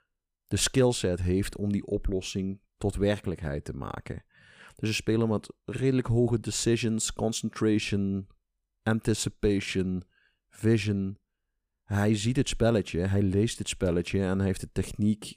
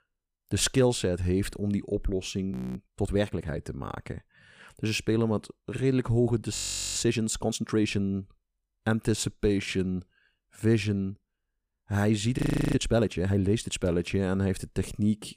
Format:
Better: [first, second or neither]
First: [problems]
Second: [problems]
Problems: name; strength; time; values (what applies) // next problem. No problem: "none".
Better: first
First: none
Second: audio freezing; at 2.5 s, at 6.5 s and at 12 s